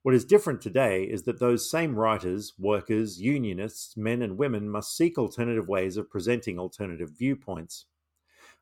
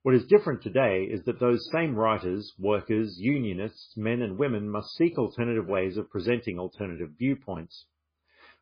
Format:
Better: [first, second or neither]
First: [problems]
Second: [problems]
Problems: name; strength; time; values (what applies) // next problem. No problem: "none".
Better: first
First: none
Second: garbled, watery; badly; nothing above 5 kHz